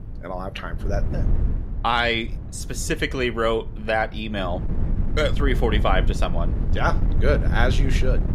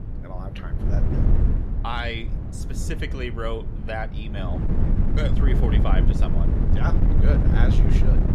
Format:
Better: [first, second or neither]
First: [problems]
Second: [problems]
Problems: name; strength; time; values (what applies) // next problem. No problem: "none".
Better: first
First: wind noise on the microphone; occasional gusts; 15 dB below the speech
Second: wind noise on the microphone; heavy; 2 dB below the speech